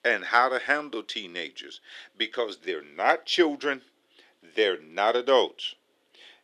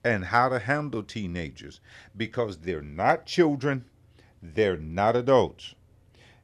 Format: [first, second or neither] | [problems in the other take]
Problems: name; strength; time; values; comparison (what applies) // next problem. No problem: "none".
second | thin; somewhat; fading below 350 Hz